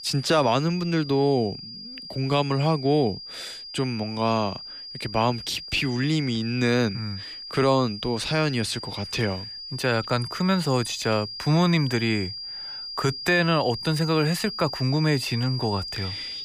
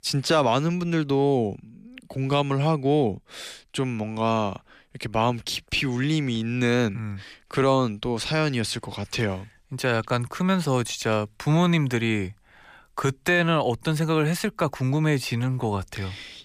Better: second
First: high-pitched whine; loud; throughout; 5 kHz, 10 dB below the speech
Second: none

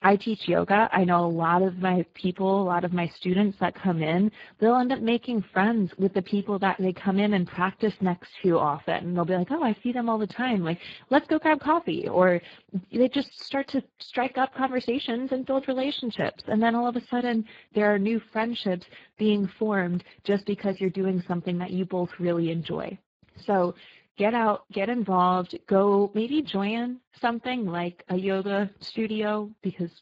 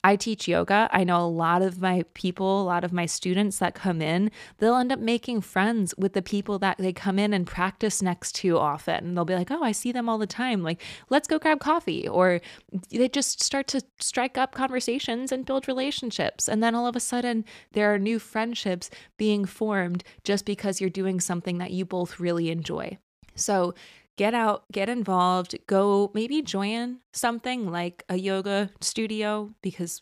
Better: second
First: garbled, watery; badly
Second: none

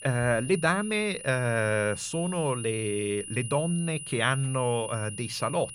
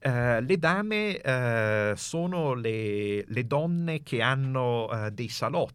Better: second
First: high-pitched whine; loud; throughout; 10 kHz, 10 dB below the speech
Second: none

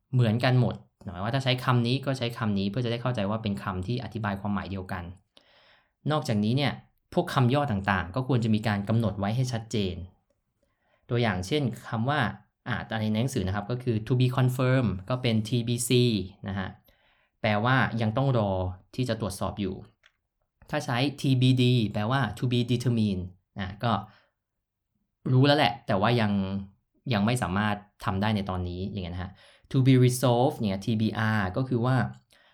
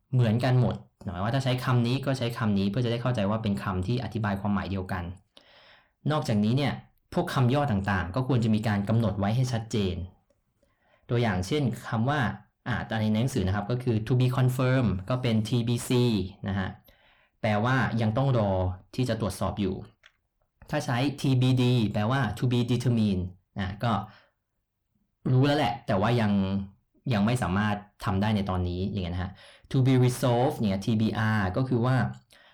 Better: first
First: none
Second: distortion; slight; 10 dB below the speech

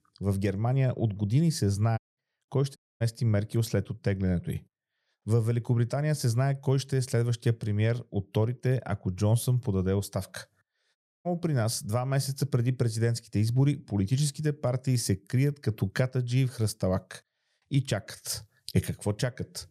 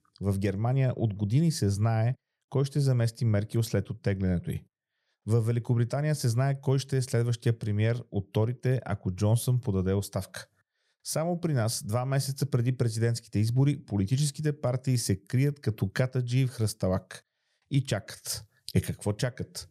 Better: second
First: audio cutting out; at 2 s, at 3 s and at 11 s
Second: none

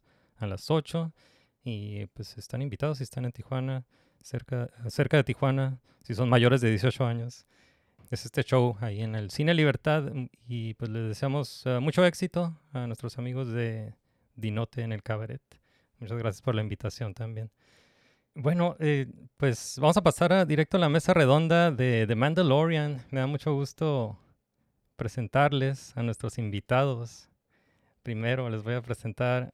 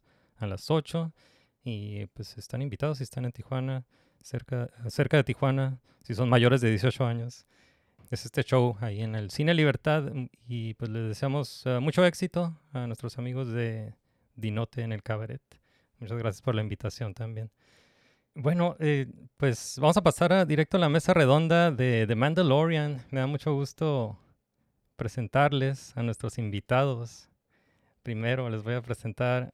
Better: neither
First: none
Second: none

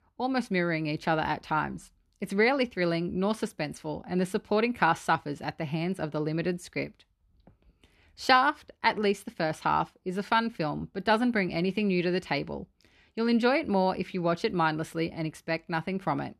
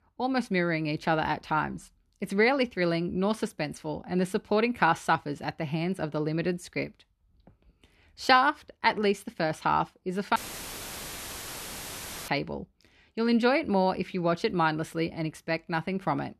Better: first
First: none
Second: audio cutting out; filled with static; at 10 s for 2 s

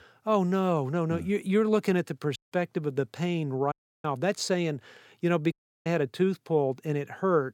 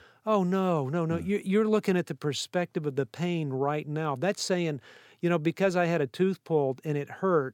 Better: second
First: audio cutting out; at 2.5 s, at 3.5 s and at 5.5 s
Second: none

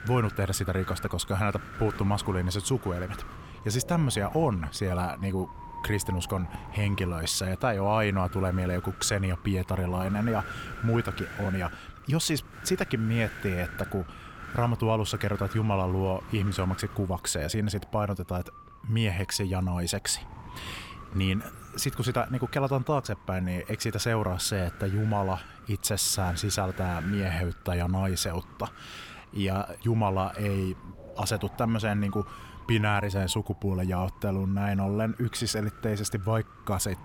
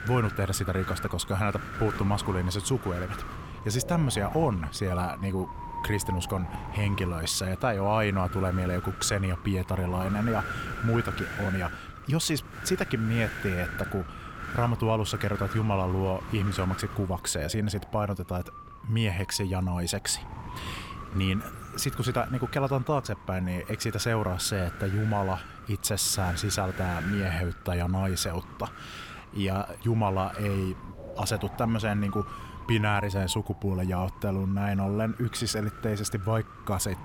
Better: first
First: wind noise on the microphone; occasional gusts; 10 dB below the speech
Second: wind noise on the microphone; heavy; 7 dB below the speech

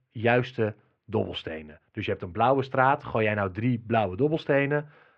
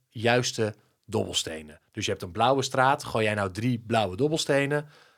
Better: second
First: muffled; very; fading above 2.5 kHz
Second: none

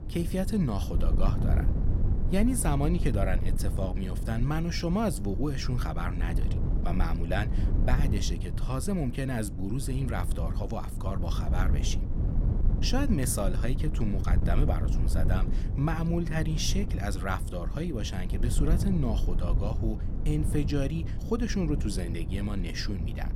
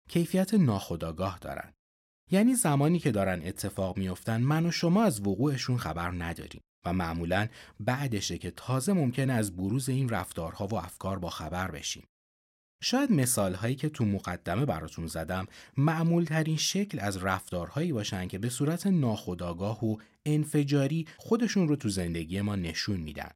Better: second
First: wind noise on the microphone; heavy; 9 dB below the speech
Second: none

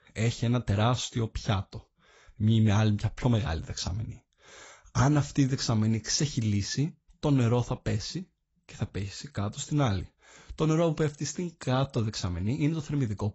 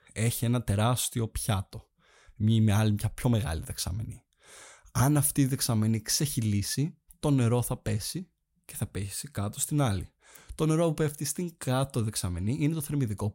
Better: second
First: garbled, watery; badly; nothing above 7.5 kHz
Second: none

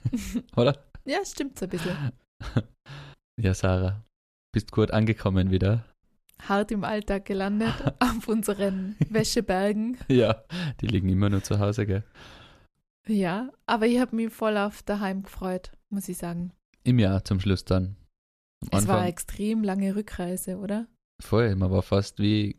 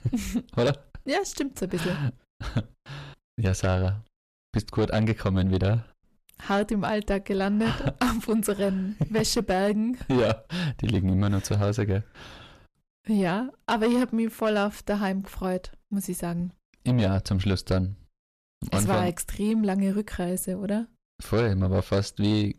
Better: first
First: none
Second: distortion; slight; 10 dB below the speech

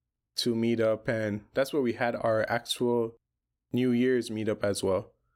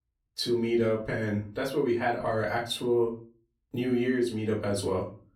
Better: first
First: none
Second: off-mic speech; far // room echo; slight; dies away in 0.3 s

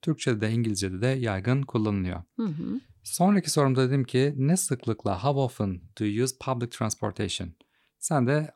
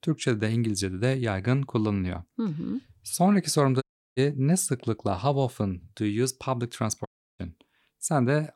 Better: first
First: none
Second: audio cutting out; at 4 s and at 7 s

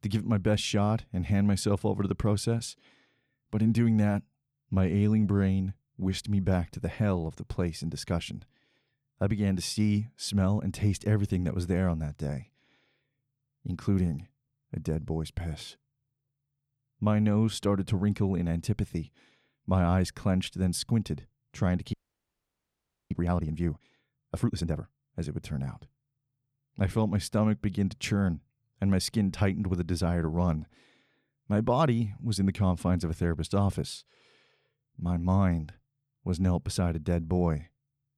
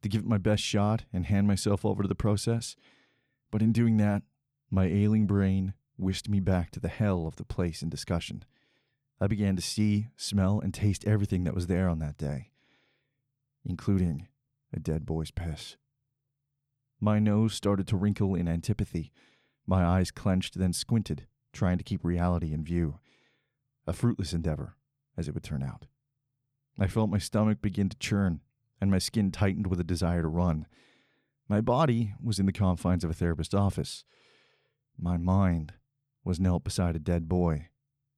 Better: second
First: audio freezing; at 22 s for 1 s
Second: none

